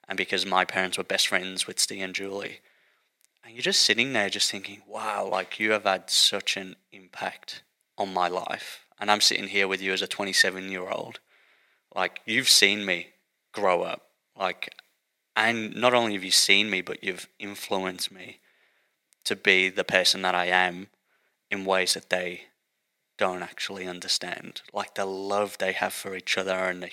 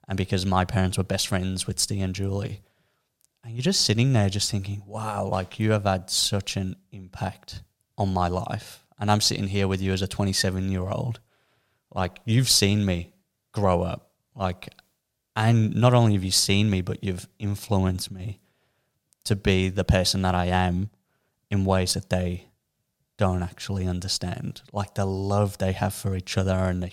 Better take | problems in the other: second | thin; very; fading below 300 Hz

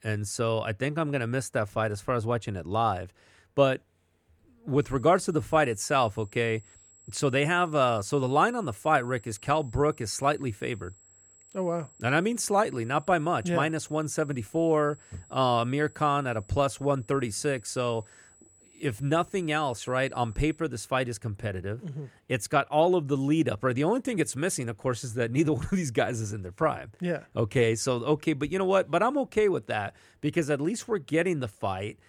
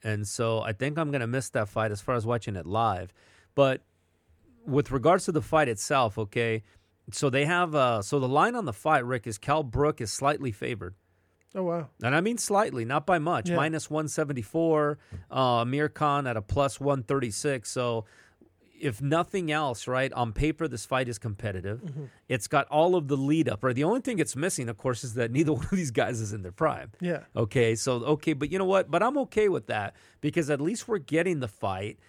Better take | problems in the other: second | high-pitched whine; faint; from 5 to 21 s; 7.5 kHz, 25 dB below the speech

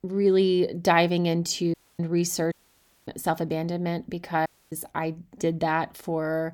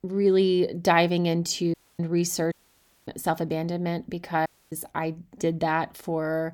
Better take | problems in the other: neither | audio cutting out; at 1.5 s, at 2.5 s for 0.5 s and at 4.5 s; the same in both

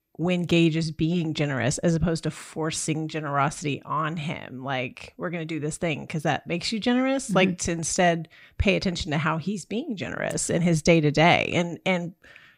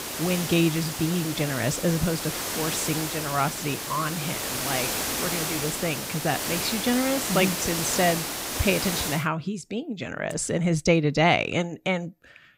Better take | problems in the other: first | hiss; loud; until 9 s; 2 dB below the speech

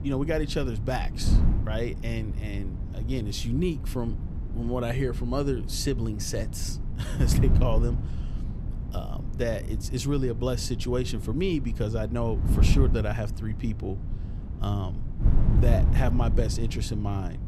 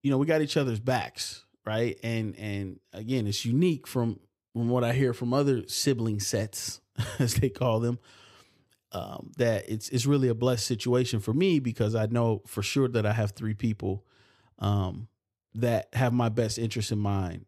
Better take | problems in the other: second | wind noise on the microphone; heavy; 9 dB below the speech

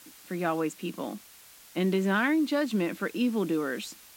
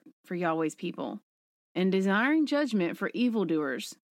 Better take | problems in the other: second | hiss; faint; throughout; 20 dB below the speech

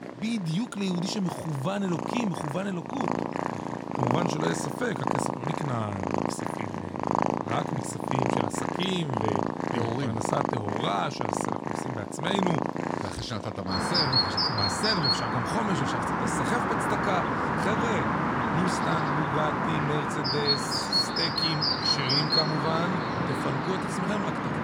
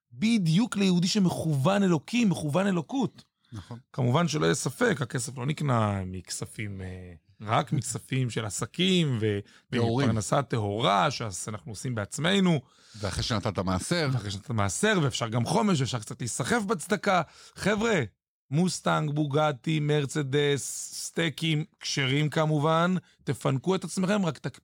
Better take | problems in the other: second | animal sounds; very loud; throughout; 4 dB above the speech

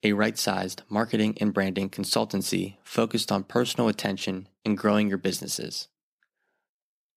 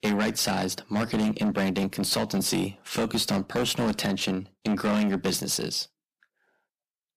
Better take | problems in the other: first | distortion; heavy; 6 dB below the speech

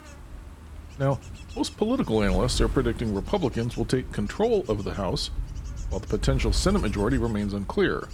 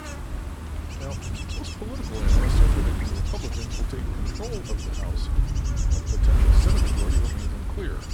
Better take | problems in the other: first | wind noise on the microphone; heavy; 4 dB above the speech; occasional gusts in the first

